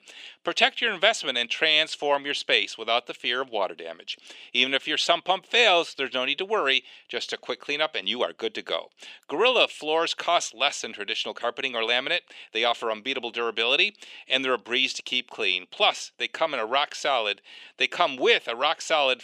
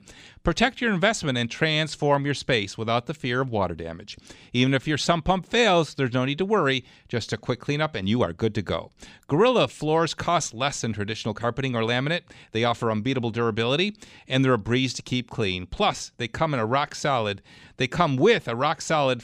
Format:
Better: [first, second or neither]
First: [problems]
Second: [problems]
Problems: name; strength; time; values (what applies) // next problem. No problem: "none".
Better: second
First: thin; somewhat; fading below 350 Hz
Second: none